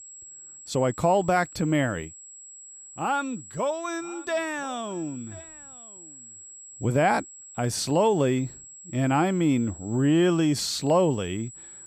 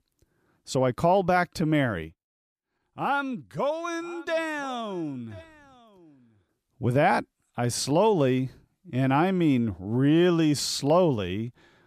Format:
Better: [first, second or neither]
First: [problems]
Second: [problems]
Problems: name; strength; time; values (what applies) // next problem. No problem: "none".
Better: second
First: high-pitched whine; noticeable; throughout; 7.5 kHz, 15 dB below the speech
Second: none